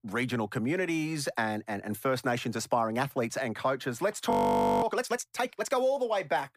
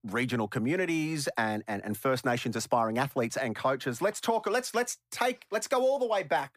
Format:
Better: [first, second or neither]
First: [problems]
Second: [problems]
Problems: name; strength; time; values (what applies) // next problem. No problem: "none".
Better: second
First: audio freezing; at 4.5 s for 0.5 s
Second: none